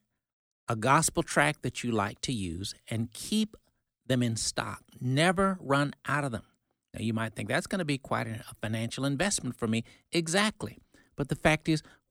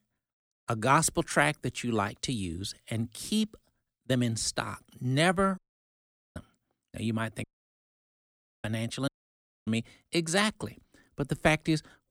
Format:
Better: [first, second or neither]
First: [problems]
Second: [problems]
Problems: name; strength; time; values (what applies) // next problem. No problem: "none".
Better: first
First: none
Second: audio cutting out; at 5.5 s for 1 s, at 7.5 s for 1 s and at 9 s for 0.5 s